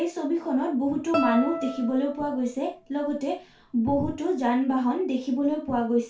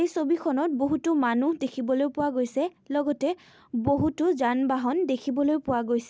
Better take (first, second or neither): second